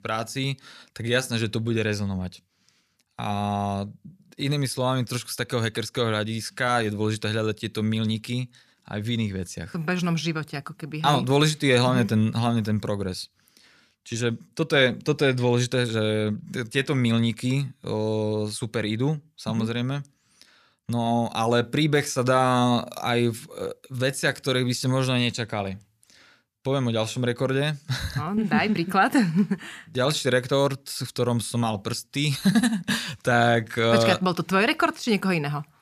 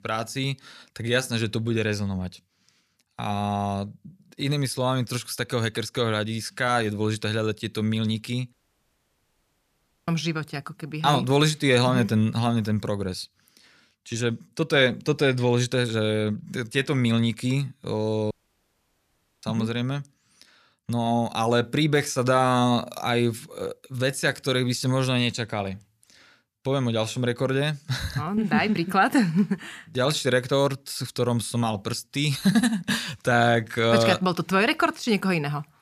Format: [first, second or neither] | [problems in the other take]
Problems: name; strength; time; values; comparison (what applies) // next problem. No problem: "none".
first | audio cutting out; at 8.5 s for 1.5 s and at 18 s for 1 s